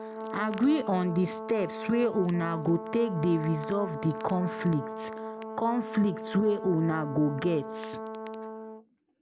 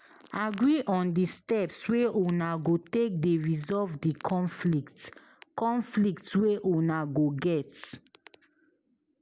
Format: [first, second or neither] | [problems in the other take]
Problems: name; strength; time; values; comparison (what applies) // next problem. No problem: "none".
second | background sound (Brass instrument); 9 dB below the speech